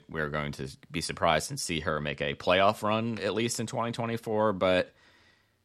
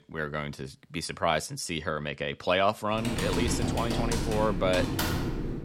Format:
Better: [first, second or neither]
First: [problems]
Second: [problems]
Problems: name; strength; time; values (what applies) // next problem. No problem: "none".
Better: first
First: none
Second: keyboard typing; loud; from 3 s on; peak 1 dB above the speech